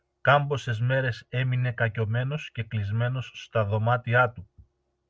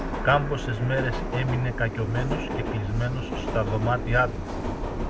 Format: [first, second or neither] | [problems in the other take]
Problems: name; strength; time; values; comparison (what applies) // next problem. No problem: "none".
first | background sound (Subway, metro, underground); 3 dB below the speech